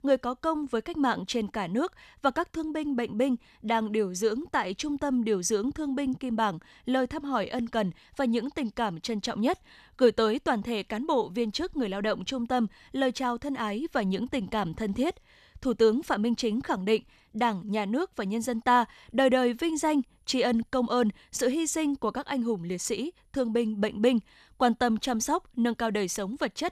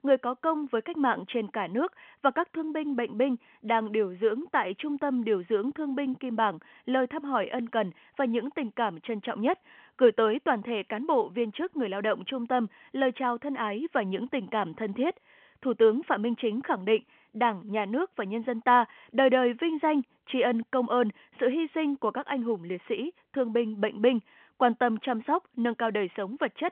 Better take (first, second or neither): first